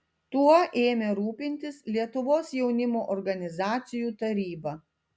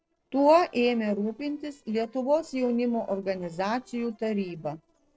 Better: first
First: none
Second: noise reduction (neural separator model SepFormer DNS4)

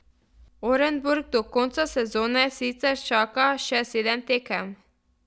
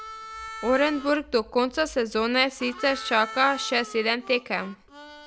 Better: first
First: none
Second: background sound (Harmonica); 15 dB below the speech

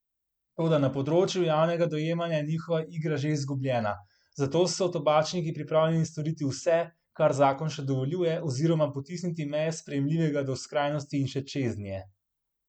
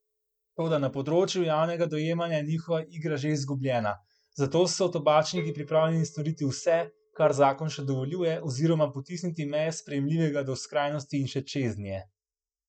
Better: first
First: none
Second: noise reduction (neural mask model DeepFilterNet 3)

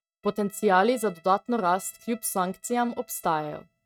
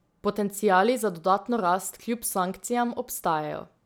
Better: second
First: noise reduction (neural mask model RNNoise)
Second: none

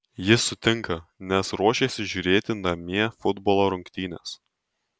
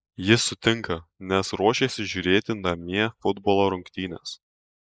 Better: first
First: none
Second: noise reduction (neural mask model Resemble Enhance denoiser)

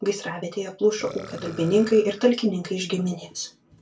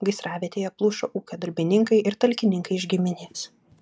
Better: second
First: background sound (Burping, eructation); 20 dB below the speech // room echo; dies away in 0.2 s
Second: none

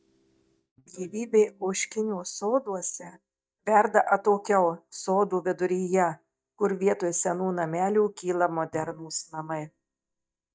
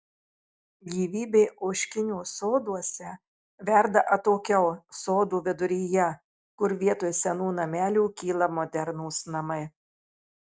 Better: second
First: noise reduction (neural mask model DeepFilterNet 3)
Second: none

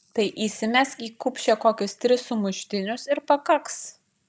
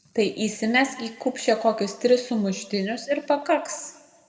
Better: first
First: none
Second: room echo; dies away in 1.1 s

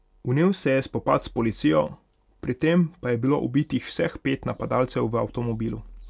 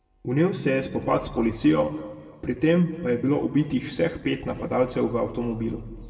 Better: first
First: none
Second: room echo; dies away in 1.2 s

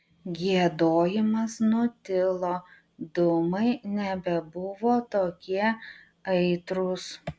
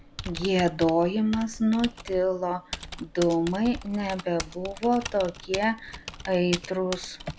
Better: first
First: none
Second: background sound (Typing); 13 dB below the speech

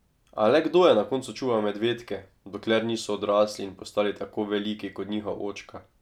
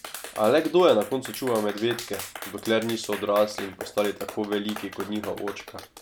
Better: first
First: none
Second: background sound (Clapping); 14 dB below the speech

